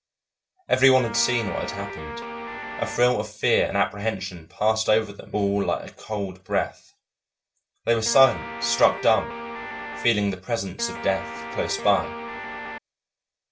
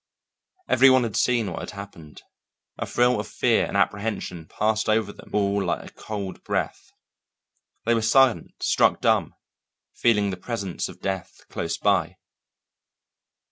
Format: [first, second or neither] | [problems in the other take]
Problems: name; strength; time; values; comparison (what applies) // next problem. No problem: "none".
second | background sound (Guitar); 8 dB below the speech // room echo; dies away in 0.2 s